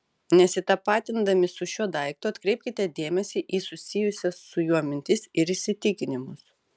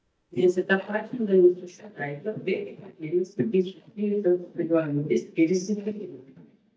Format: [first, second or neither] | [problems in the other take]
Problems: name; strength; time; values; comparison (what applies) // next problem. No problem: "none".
first | noise reduction (neural mask model DeepFilterNet 3)